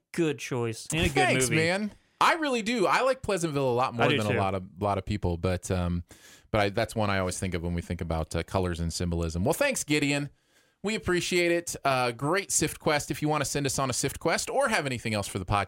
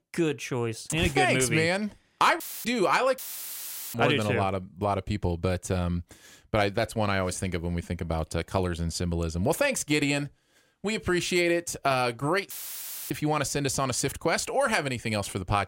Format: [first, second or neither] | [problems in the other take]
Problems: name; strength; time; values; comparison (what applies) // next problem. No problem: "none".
first | audio cutting out; filled with static; at 2.5 s, at 3 s for 1 s and at 13 s for 0.5 s